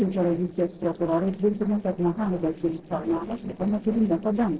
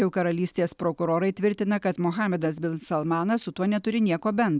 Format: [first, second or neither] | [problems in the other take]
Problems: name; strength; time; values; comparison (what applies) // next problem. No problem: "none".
second | noise reduction (neural separator model SepFormer DNS4)